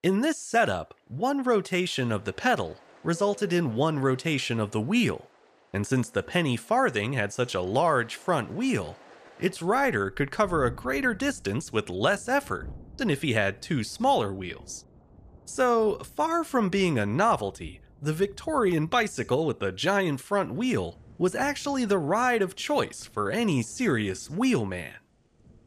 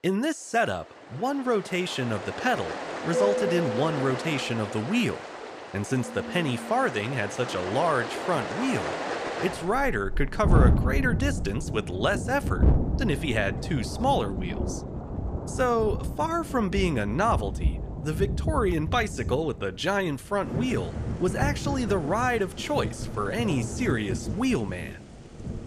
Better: first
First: rain or running water; faint; throughout; 25 dB below the speech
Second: rain or running water; loud; throughout; 3 dB below the speech

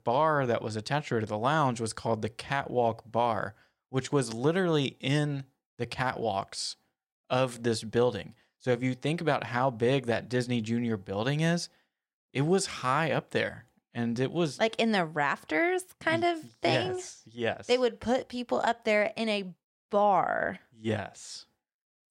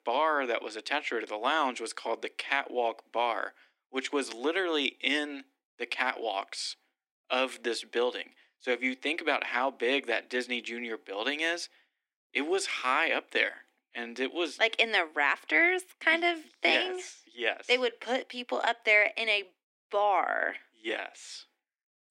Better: first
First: none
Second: thin; somewhat; fading below 250 Hz

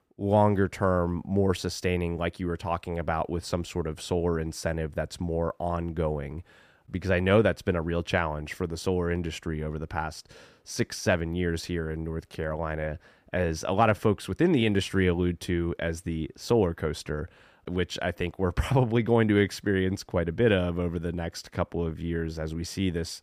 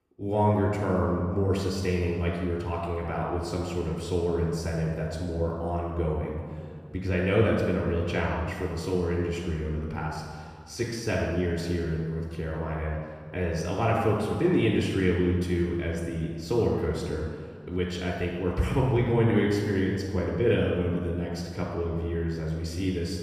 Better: first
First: none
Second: off-mic speech; far // room echo; noticeable; dies away in 1.6 s

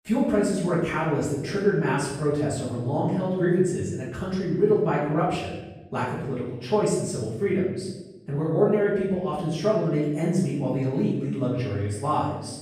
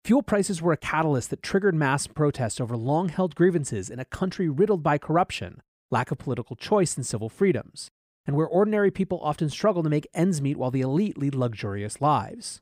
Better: second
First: off-mic speech; far // room echo; noticeable; dies away in 0.9 s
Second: none

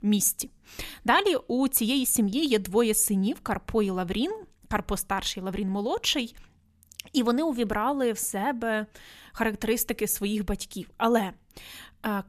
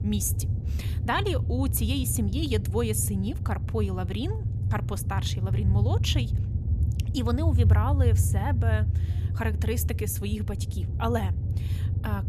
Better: first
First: none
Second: low rumble; loud; throughout; 9 dB below the speech

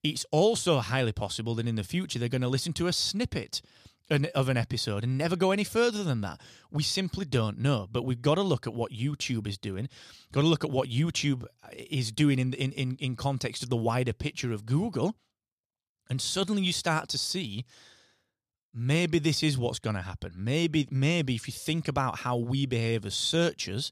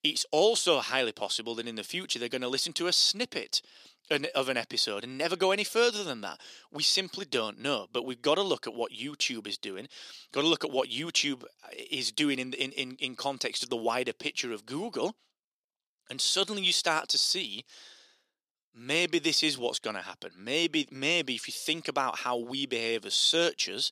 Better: first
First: none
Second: thin; somewhat; fading below 300 Hz

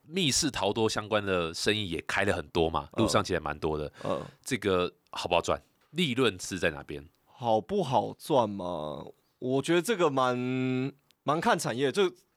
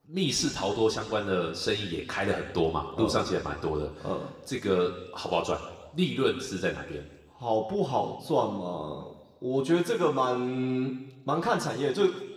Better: first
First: none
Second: room echo; slight; dies away in 1.2 s // off-mic speech; somewhat distant

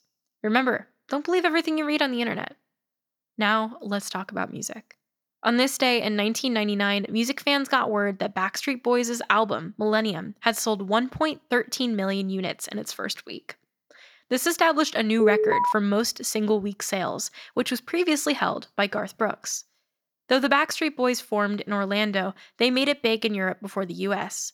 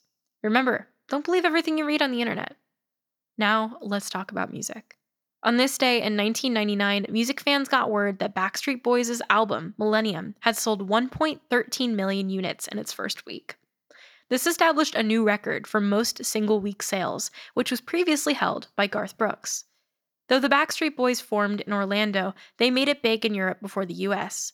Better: second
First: alarm; loud; at 15 s; peak 3 dB above the speech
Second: none

